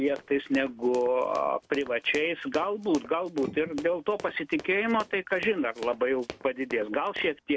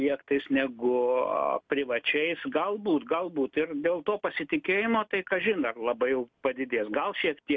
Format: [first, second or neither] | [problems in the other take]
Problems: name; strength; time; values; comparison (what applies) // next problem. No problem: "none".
second | background sound (Run); 17 dB below the speech